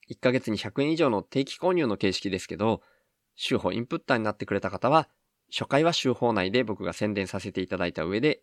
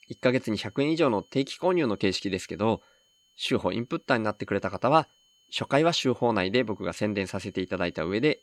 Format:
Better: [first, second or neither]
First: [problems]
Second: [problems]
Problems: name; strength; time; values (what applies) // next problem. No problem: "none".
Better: first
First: none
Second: high-pitched whine; faint; throughout; 3 kHz, 35 dB below the speech